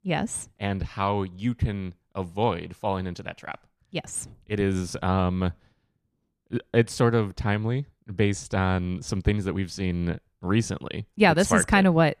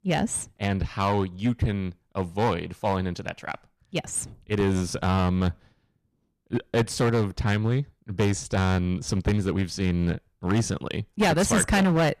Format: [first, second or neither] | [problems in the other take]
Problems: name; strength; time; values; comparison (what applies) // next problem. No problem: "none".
first | distortion; heavy; 7% of the sound clipped